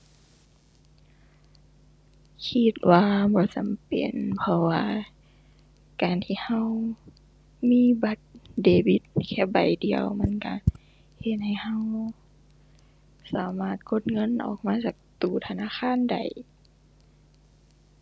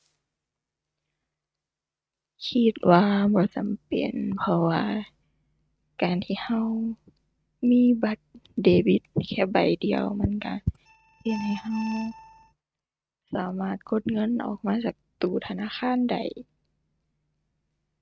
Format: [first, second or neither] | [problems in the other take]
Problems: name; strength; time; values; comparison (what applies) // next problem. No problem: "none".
first | noise reduction (neural mask model RNNoise)